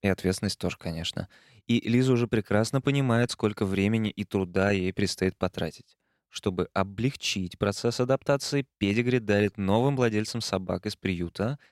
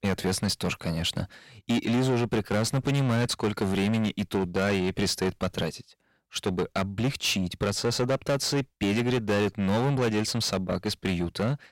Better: first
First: none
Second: distortion; heavy; 6 dB below the speech

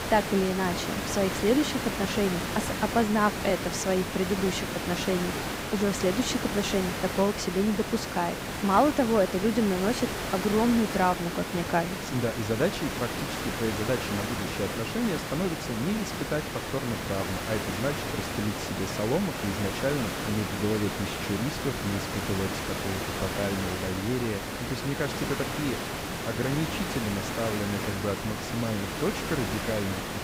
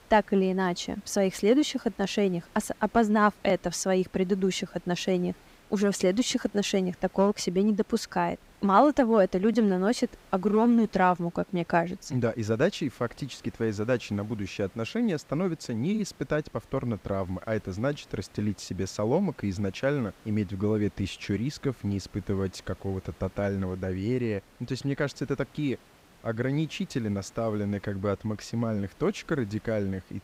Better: second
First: hiss; loud; throughout; 3 dB below the speech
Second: hiss; faint; throughout; 30 dB below the speech

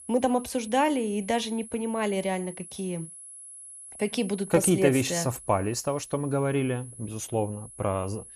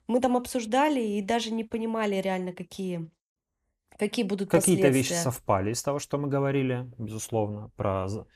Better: second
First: high-pitched whine; noticeable; throughout; 10.5 kHz, 15 dB below the speech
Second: none

